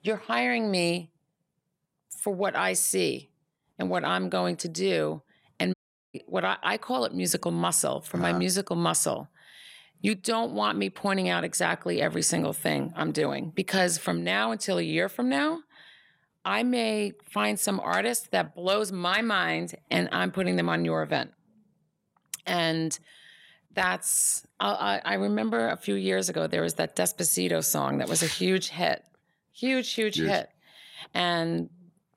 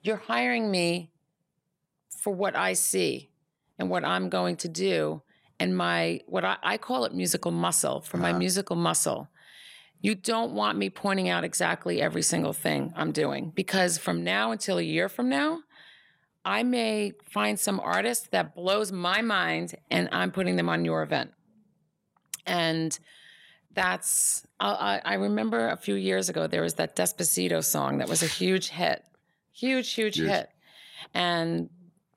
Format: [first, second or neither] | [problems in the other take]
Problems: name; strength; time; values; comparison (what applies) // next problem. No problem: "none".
second | audio cutting out; at 5.5 s